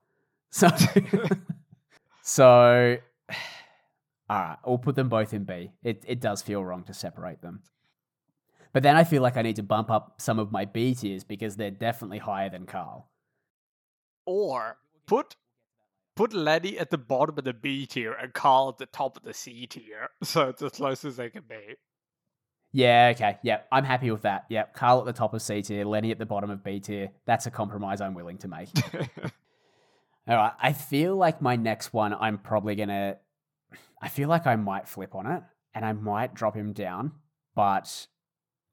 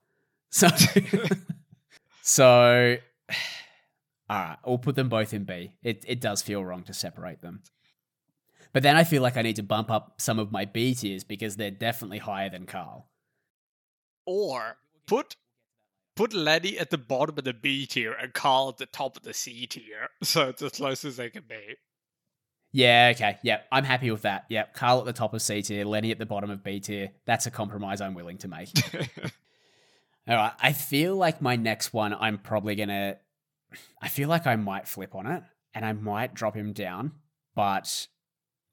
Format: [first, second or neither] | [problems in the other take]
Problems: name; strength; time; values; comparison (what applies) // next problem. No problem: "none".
second | muffled; slightly; fading above 1.5 kHz